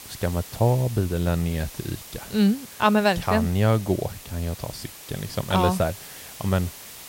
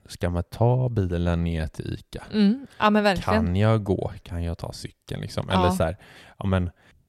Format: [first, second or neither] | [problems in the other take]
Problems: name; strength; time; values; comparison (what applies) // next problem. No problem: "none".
second | hiss; noticeable; throughout; 15 dB below the speech